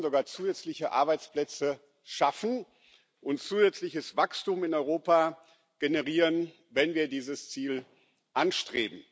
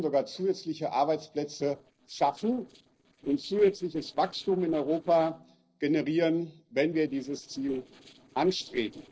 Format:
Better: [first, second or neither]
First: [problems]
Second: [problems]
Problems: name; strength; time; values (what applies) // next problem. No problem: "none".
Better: first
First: none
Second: noise reduction (neural separator model SepFormer DNS4)